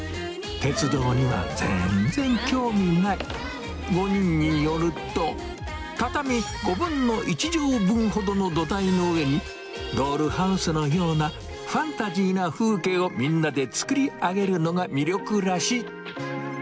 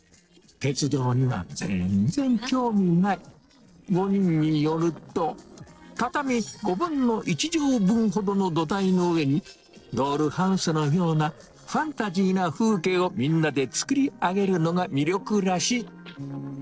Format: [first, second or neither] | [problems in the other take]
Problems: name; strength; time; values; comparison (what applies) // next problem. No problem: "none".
first | noise reduction (neural separator model SepFormer DNS4)